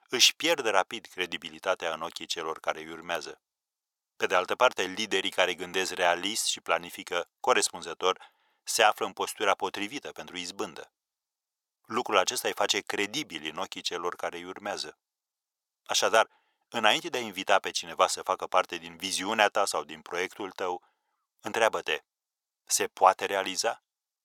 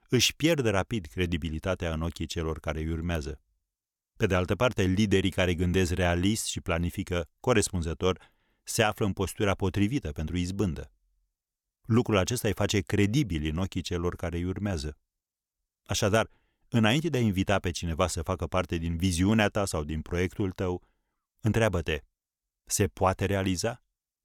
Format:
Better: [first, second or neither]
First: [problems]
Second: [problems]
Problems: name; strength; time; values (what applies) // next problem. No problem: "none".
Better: second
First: thin; very; fading below 600 Hz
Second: none